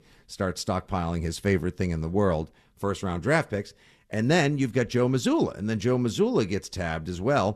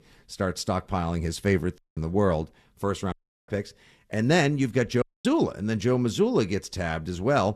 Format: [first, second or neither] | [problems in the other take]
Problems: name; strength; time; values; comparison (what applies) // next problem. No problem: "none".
first | audio cutting out; at 2 s, at 3 s and at 5 s